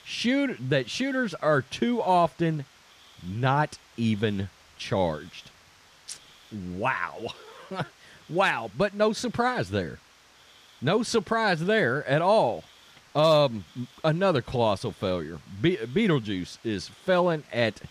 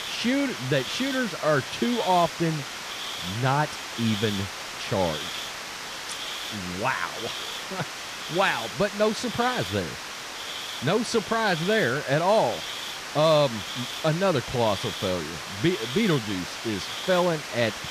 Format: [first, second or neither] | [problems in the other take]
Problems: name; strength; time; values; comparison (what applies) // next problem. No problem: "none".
first | hiss; loud; throughout; 6 dB below the speech; faint in the first